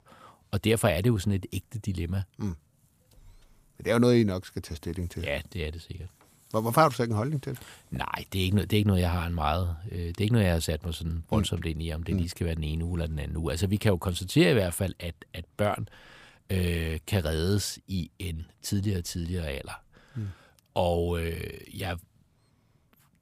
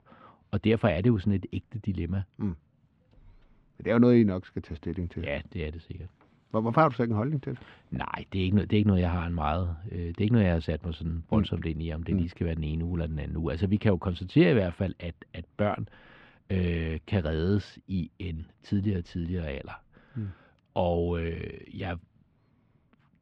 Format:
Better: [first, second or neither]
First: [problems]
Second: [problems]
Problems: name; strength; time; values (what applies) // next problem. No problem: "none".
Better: first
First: none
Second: muffled; slightly; fading above 3 kHz